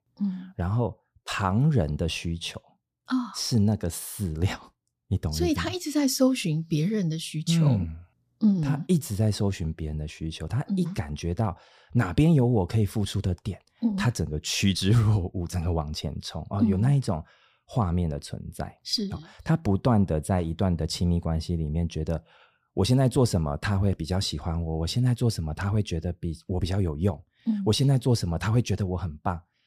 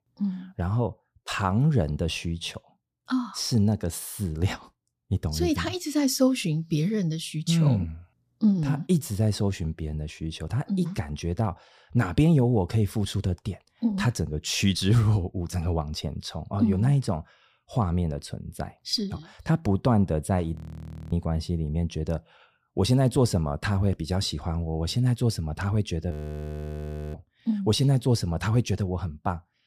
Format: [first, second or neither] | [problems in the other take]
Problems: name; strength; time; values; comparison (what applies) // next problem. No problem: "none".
first | audio freezing; at 21 s for 0.5 s and at 26 s for 1 s